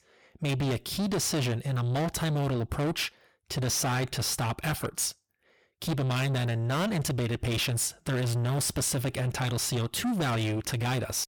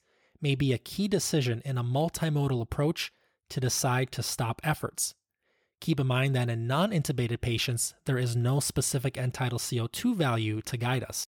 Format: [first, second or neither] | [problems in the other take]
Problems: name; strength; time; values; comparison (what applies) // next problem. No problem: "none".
second | distortion; heavy; 7 dB below the speech